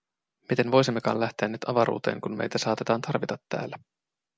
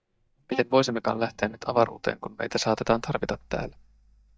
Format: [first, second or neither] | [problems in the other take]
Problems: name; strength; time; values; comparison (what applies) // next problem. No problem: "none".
first | noise reduction (neural mask model DeepFilterNet 3)